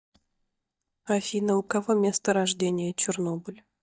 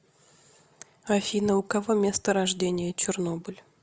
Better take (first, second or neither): second